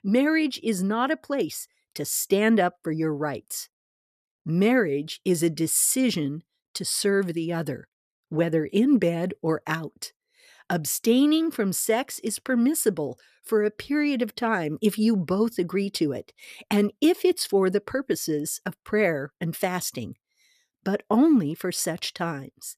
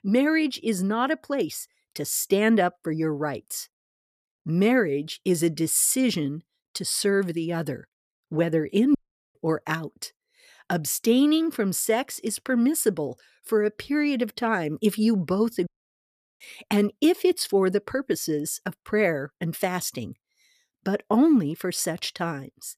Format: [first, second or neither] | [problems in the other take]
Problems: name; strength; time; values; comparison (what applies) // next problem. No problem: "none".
first | audio cutting out; at 9 s and at 16 s for 0.5 s